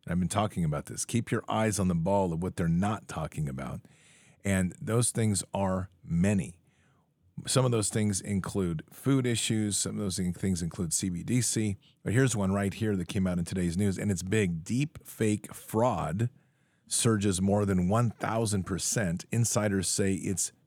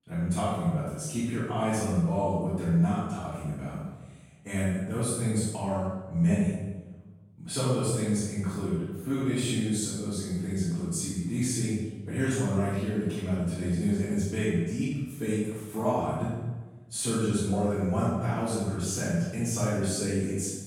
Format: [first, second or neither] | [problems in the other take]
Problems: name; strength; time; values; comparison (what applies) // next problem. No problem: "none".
first | off-mic speech; far // room echo; strong; dies away in 1 s